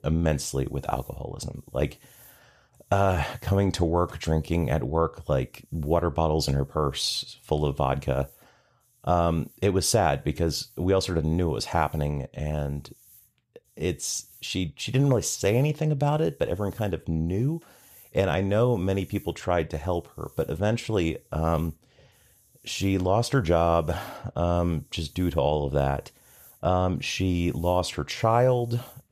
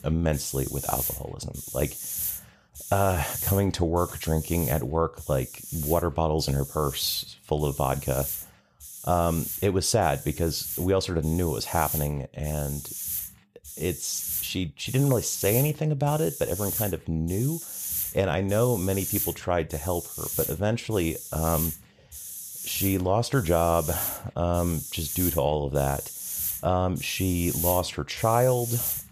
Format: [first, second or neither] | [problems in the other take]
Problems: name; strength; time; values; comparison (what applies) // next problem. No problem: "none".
first | hiss; loud; throughout; 5 dB below the speech; faint in the first